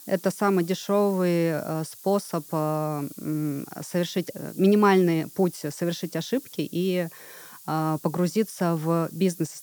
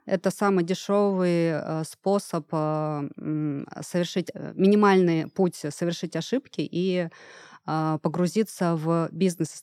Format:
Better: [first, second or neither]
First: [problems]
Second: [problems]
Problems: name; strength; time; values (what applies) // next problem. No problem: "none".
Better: second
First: hiss; noticeable; throughout; 20 dB below the speech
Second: none